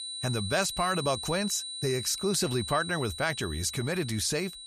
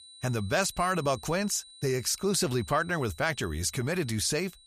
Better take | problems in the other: second | high-pitched whine; loud; throughout; 4 kHz, 7 dB below the speech; faint in the second

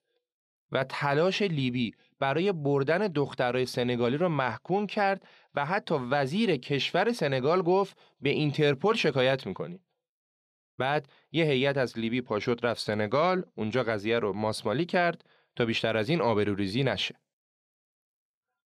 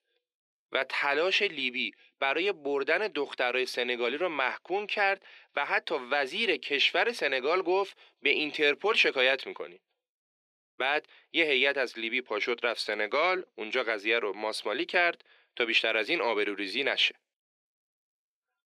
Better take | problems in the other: first | thin; somewhat; fading below 350 Hz

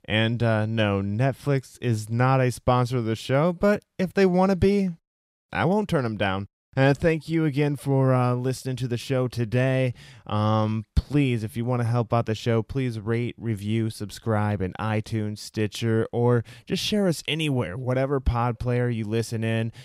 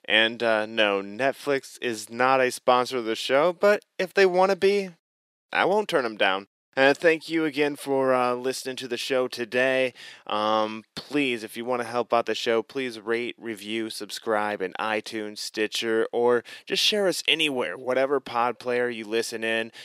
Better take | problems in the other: first | thin; somewhat; fading below 350 Hz

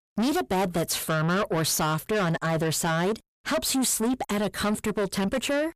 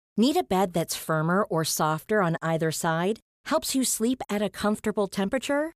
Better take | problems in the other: second | distortion; heavy; 7 dB below the speech

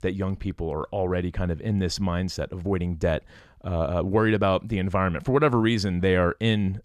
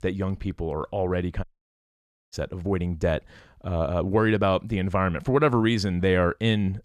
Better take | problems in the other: first | audio cutting out; at 1.5 s for 1 s

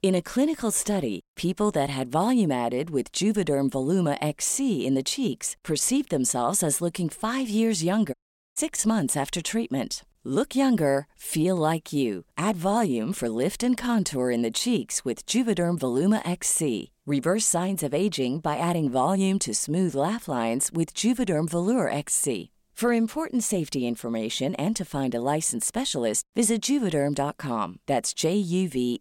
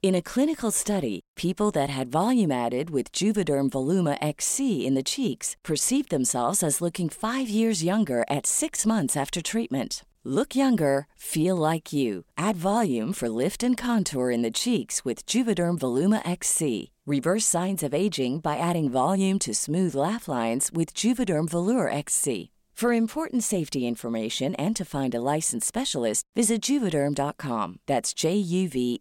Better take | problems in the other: second | audio cutting out; at 8 s

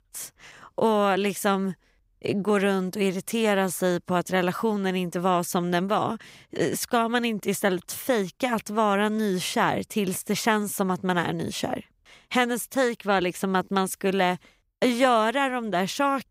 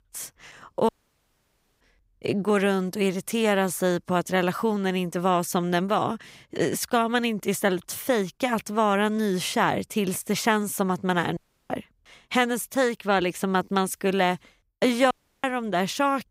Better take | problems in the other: first | audio cutting out; at 1 s for 1 s, at 11 s and at 15 s

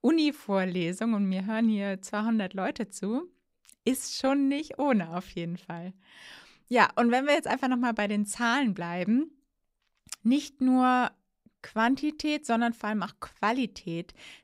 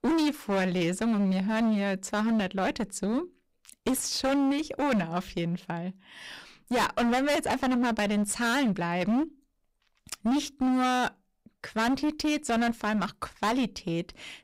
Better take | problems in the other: first | distortion; heavy; 21% of the sound clipped

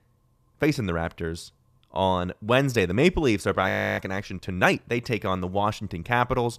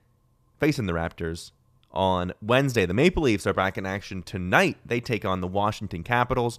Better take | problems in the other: second | audio freezing; at 3.5 s

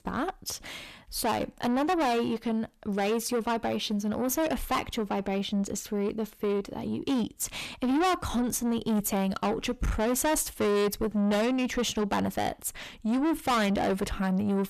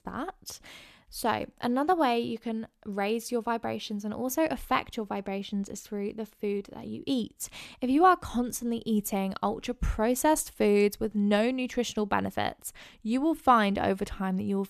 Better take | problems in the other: second | distortion; heavy; 6 dB below the speech

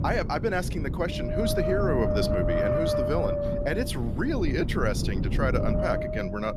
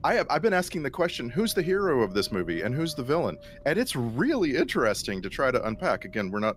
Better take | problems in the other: second | wind noise on the microphone; heavy; 1 dB above the speech; occasional gusts in the second

